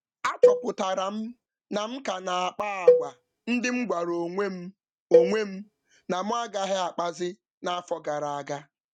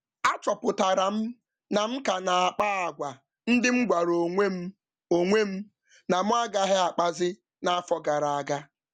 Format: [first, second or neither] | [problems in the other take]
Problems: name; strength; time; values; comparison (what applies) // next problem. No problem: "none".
second | noise reduction (neural mask model RNNoise)